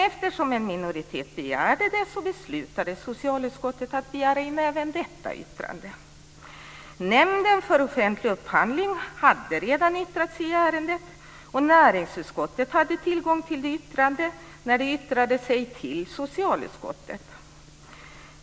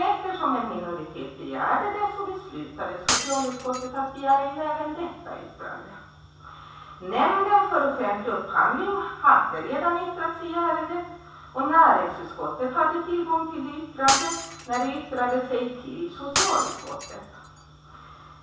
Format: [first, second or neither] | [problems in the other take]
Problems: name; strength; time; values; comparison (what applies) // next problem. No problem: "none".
first | background sound (Shatter); 5 dB below the speech // room echo; dies away in 0.7 s